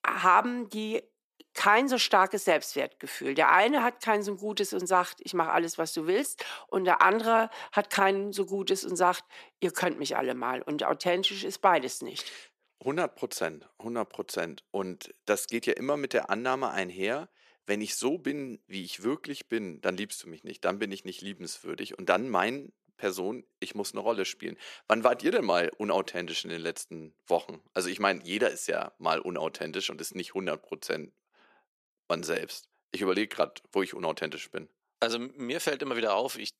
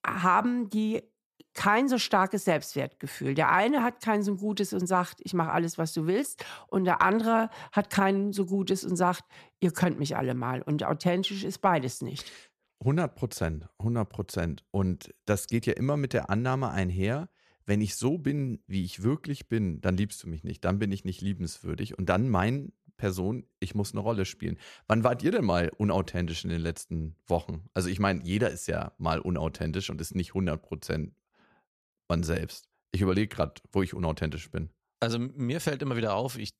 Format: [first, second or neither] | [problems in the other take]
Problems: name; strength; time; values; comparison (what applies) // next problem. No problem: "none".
second | thin; somewhat; fading below 300 Hz